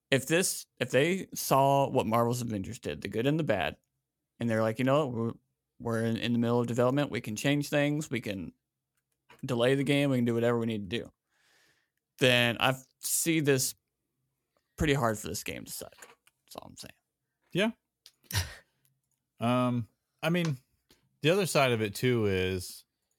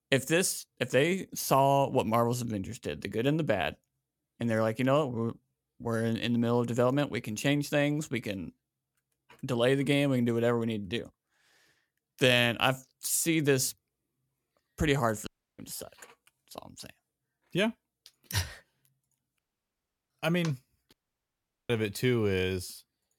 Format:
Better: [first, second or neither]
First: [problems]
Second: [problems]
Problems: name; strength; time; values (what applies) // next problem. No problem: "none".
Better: first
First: none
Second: audio cutting out; at 15 s, at 19 s for 0.5 s and at 21 s for 1 s